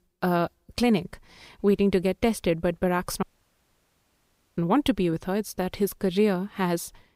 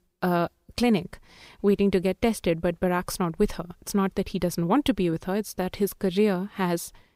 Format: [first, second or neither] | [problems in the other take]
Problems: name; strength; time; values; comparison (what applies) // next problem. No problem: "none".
second | audio cutting out; at 3 s for 1.5 s